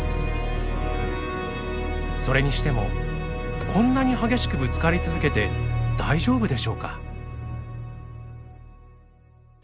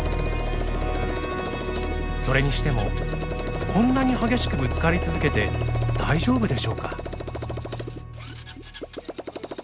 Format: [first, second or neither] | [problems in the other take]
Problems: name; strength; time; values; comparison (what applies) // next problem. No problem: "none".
first | background sound (Motorcycle); 11 dB below the speech